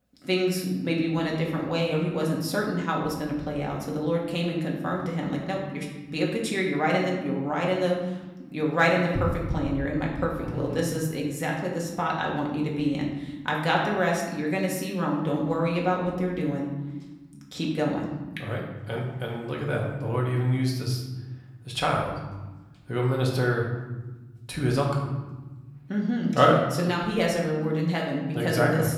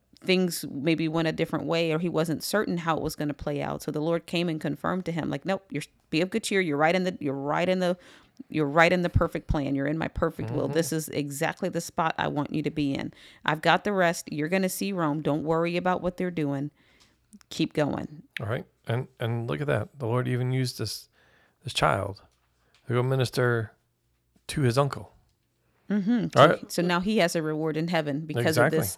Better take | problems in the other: second | room echo; noticeable; dies away in 1.2 s // off-mic speech; far

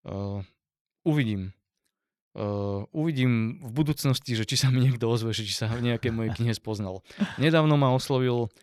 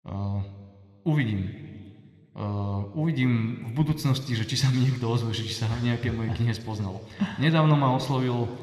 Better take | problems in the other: first | room echo; slight; dies away in 2.1 s

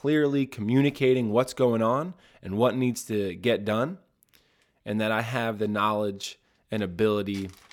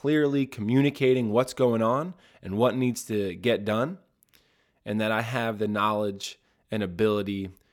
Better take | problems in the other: second | household noises; faint; throughout; 30 dB below the speech

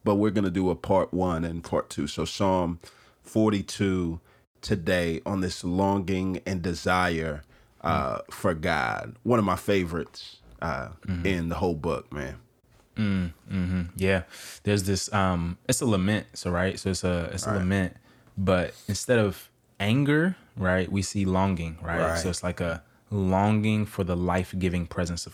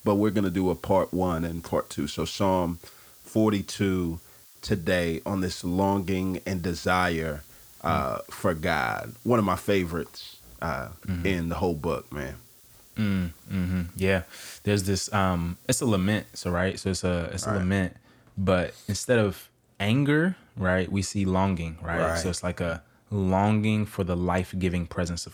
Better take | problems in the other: first | hiss; faint; until 17 s; 20 dB below the speech

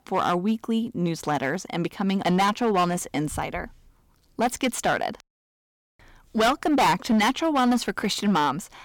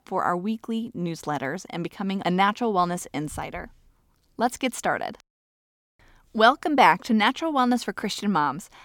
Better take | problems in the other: second | distortion; heavy; 8% of the sound clipped

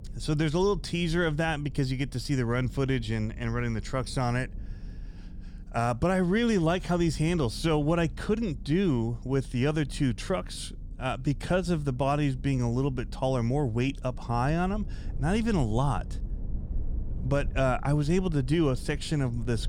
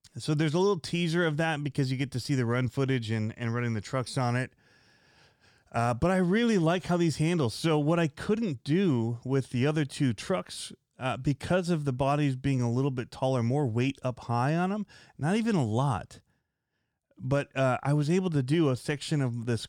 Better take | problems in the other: second | low rumble; faint; throughout; 25 dB below the speech

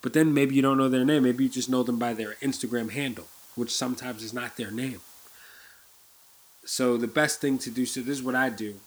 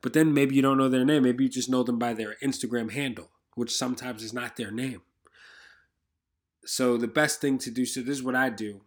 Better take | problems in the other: second | hiss; faint; throughout; 20 dB below the speech

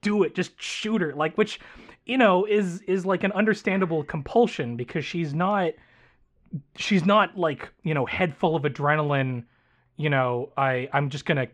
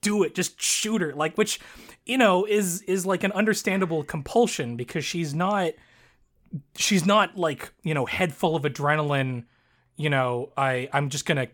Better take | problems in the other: second | muffled; slightly; fading above 3 kHz

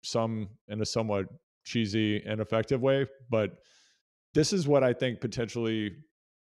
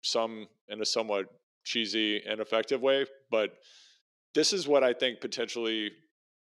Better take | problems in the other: first | thin; somewhat; fading below 300 Hz

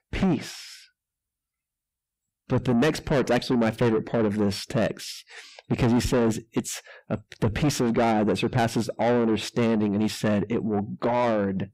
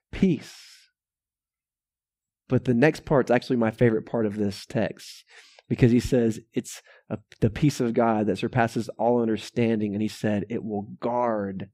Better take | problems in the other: second | distortion; heavy; 7 dB below the speech

